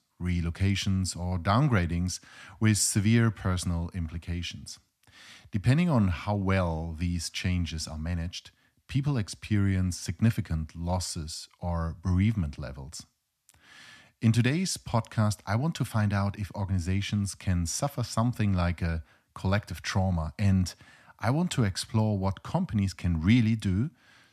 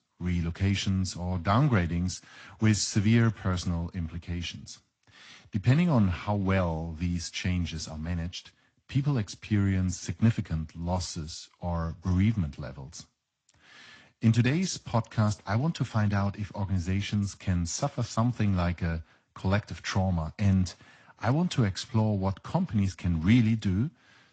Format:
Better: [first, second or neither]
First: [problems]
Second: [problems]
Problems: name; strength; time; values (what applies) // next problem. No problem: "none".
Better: first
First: none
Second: garbled, watery; slightly; nothing above 7.5 kHz